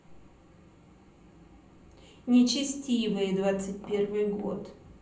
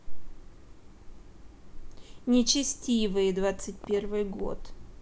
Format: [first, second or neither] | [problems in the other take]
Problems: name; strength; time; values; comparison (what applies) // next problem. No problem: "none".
second | room echo; dies away in 0.6 s